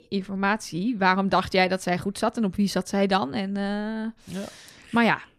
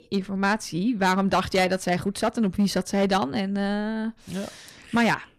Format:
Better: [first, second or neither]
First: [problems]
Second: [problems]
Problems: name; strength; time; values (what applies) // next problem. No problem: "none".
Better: first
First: none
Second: distortion; slight; 5% of the sound clipped